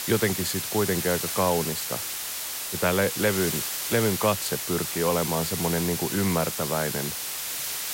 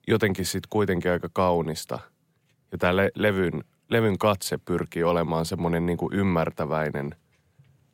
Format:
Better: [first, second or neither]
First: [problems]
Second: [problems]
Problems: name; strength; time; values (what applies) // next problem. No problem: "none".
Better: second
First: hiss; loud; throughout; 2 dB below the speech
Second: none